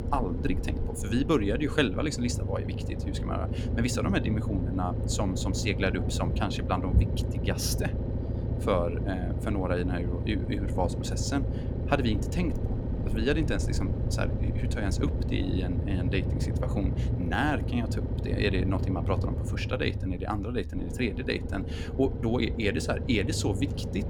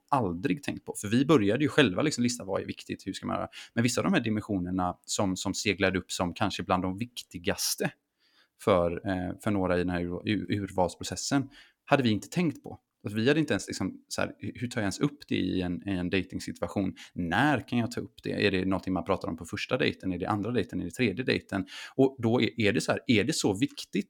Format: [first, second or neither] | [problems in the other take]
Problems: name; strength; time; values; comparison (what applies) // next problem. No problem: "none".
second | low rumble; loud; throughout; 8 dB below the speech